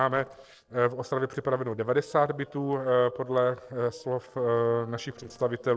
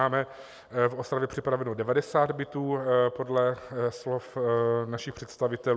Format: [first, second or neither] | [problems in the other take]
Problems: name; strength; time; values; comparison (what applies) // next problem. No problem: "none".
second | noise reduction (neural separator model SepFormer DNS4)